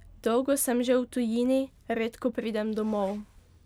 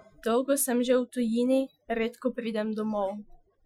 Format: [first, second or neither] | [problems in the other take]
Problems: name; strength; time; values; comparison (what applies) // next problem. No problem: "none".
first | noise reduction (classical method Wiener filter)